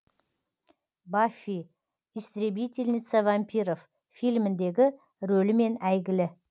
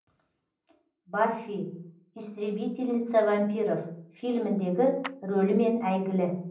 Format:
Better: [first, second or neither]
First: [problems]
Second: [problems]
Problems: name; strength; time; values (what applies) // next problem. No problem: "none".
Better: first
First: none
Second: background sound (Clapping); 19 dB below the speech // room echo; dies away in 0.6 s